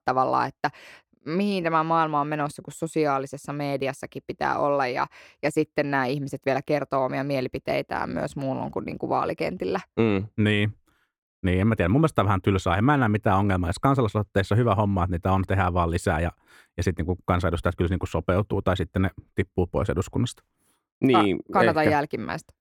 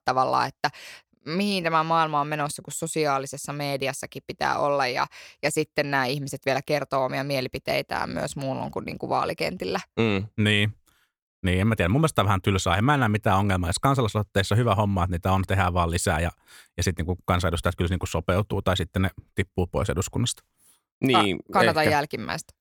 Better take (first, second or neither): second